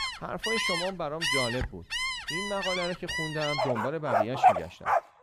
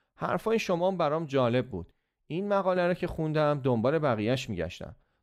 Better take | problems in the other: second | animal sounds; very loud; throughout; 5 dB above the speech

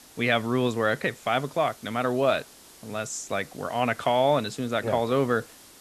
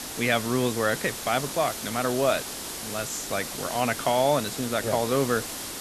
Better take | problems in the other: first | hiss; loud; throughout; 6 dB below the speech; faint in the first

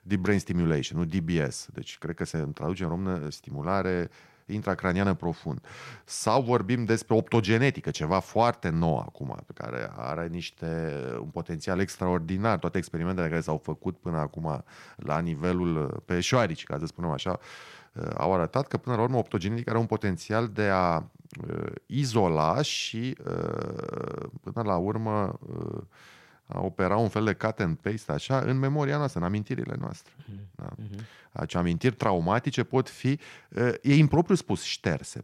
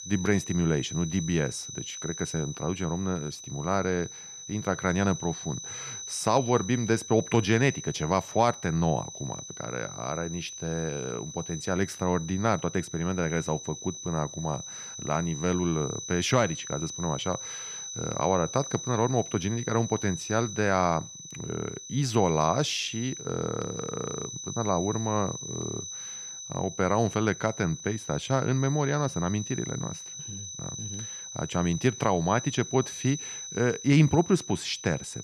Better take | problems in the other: first | high-pitched whine; loud; throughout; 6 kHz, 9 dB below the speech

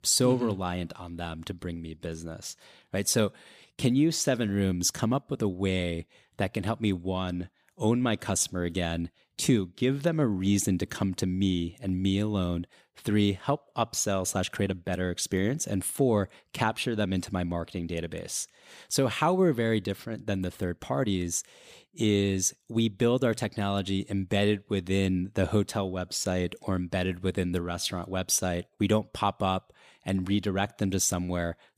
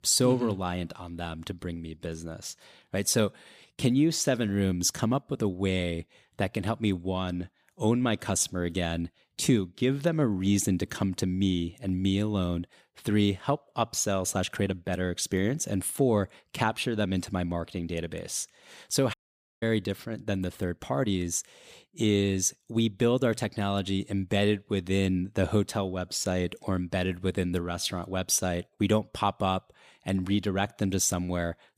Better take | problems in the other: first | audio cutting out; at 19 s

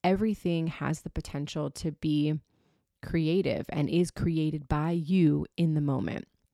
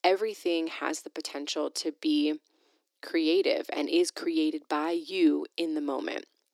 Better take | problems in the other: first | thin; somewhat; fading below 300 Hz

